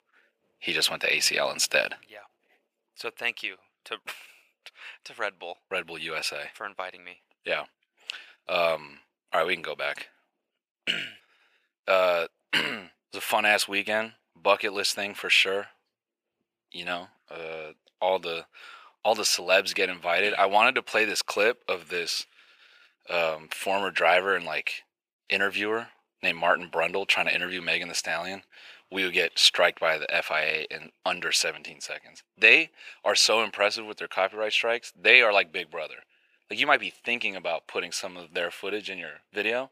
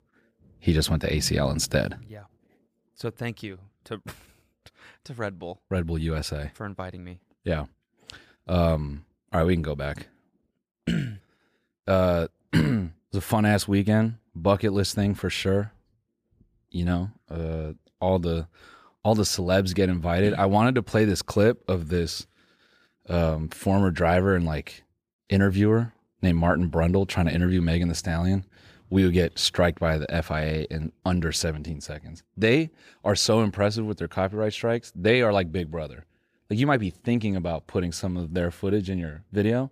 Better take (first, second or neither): second